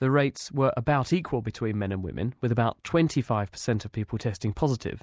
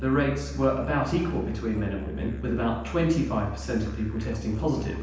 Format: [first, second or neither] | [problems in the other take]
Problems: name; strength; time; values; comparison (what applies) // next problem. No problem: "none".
first | background sound (Musical instrument); 8 dB below the speech // room echo; dies away in 0.9 s